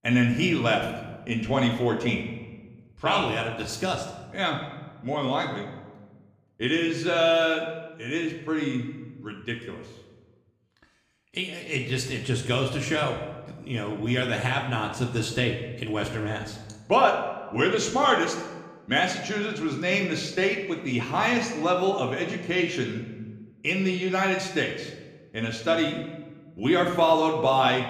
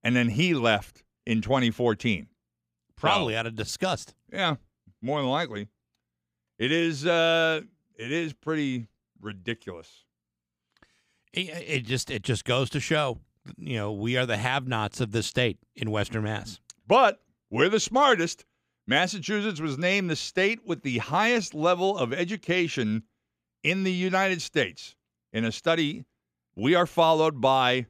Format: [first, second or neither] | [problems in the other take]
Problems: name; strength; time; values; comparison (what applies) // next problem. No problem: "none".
second | room echo; slight; dies away in 0.9 s // off-mic speech; somewhat distant